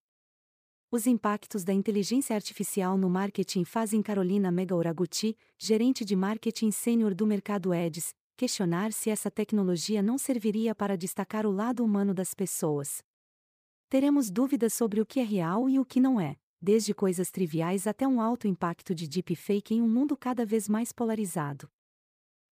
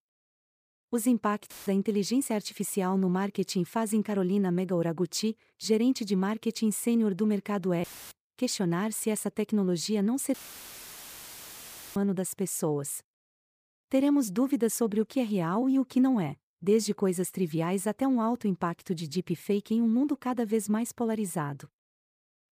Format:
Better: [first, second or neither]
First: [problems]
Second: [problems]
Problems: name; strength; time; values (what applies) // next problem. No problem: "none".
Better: first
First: none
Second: audio cutting out; filled with static; at 1.5 s, at 8 s and at 10 s for 1.5 s